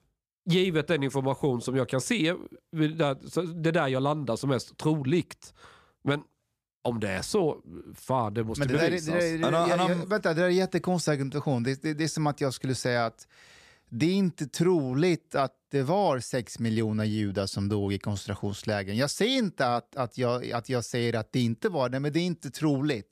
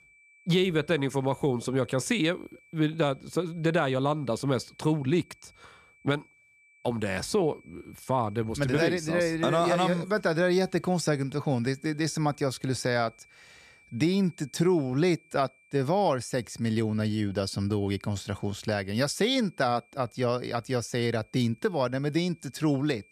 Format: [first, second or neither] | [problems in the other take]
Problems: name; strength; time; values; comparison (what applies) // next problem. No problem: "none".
first | high-pitched whine; faint; throughout; 2.5 kHz, 30 dB below the speech